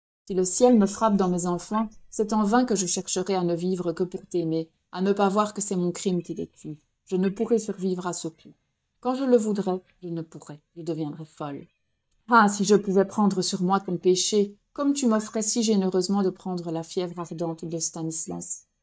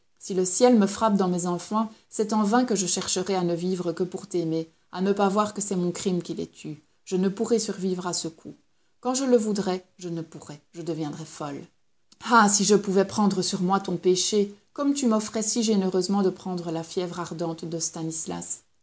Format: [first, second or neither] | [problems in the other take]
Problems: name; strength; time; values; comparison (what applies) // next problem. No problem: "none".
second | noise reduction (neural mask model DeepFilterNet 3)